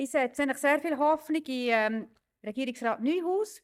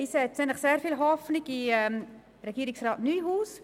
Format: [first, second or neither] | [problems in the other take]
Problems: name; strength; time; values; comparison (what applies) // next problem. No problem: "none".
second | noise reduction (neural mask model DeepFilterNet 3)